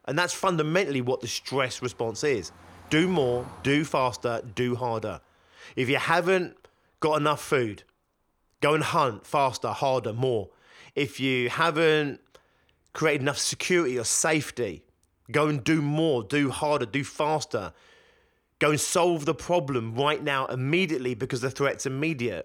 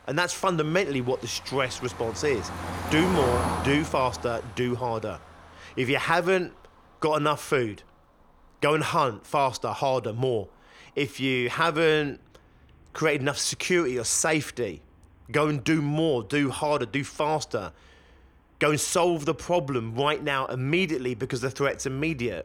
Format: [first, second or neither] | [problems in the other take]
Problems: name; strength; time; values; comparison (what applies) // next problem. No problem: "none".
first | traffic noise; loud; throughout; 8 dB below the speech; faint in the first